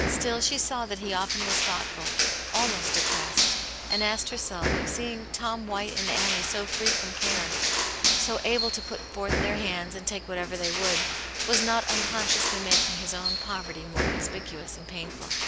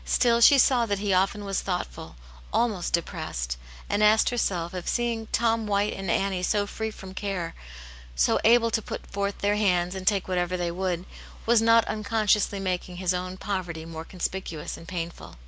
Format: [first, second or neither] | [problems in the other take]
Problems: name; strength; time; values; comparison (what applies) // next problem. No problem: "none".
second | background sound (Crushing); 3 dB above the speech